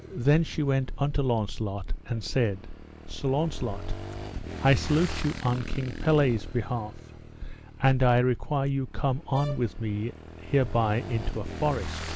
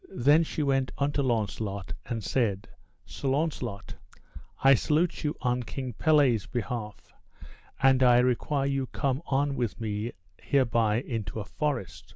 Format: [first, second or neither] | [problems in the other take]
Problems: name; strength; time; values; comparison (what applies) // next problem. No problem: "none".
second | background sound (Brass instrument + Motorcycle / Engine); 13 dB below the speech